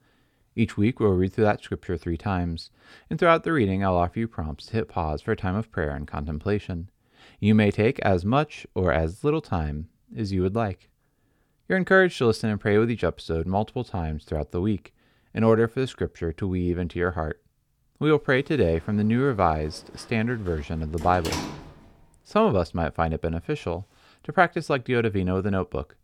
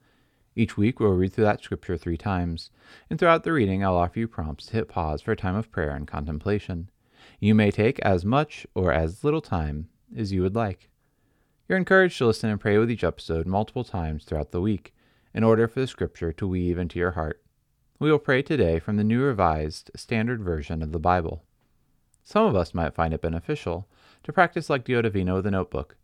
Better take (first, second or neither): second